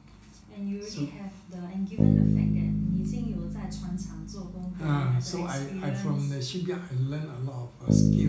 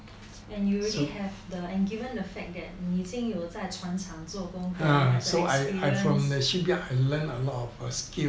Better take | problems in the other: second | background sound (Bass guitar); 3 dB above the speech // room echo; dies away in 0.4 s

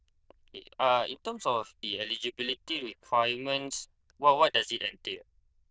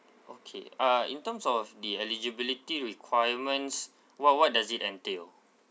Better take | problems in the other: second | noise reduction (neural diffusion model UNIVERSE++)

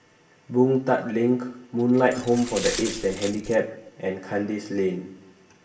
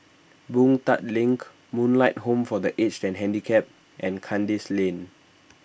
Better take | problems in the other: second | background sound (Glass); 11 dB below the speech // room echo; dies away in 0.6 s

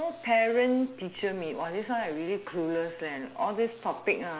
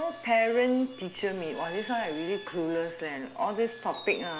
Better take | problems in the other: first | background sound (Screech); 18 dB below the speech

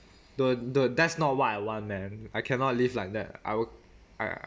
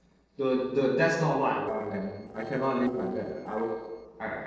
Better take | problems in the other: first | noise reduction (neural separator model SepFormer DNS4)

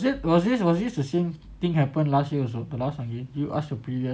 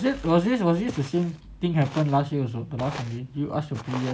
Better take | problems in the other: first | background sound (Walk, footsteps); 16 dB below the speech

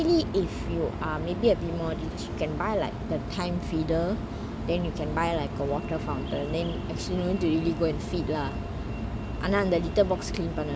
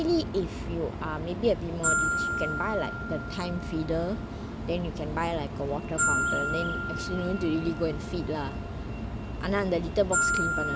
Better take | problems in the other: first | background sound (Glockenspiel); 3 dB below the speech

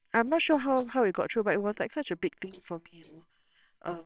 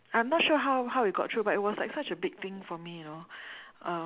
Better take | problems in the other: second | noise reduction (neural separator model SepFormer WHAMR!)

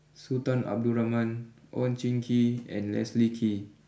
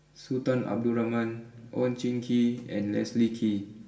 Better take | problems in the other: first | room echo; dies away in 1.2 s

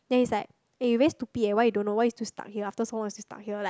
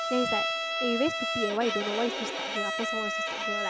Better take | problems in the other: first | background sound (Bowed string instrument); 1 dB above the speech

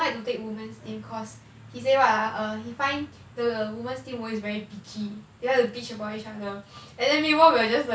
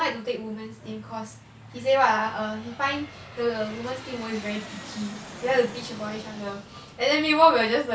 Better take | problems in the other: first | background sound (Aircraft); 18 dB below the speech

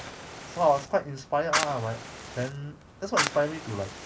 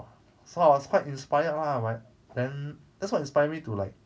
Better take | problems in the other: second | background sound (Fire); 5 dB below the speech

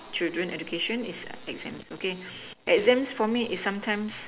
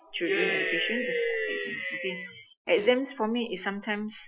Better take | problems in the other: first | noise reduction (classical method Wiener filter)

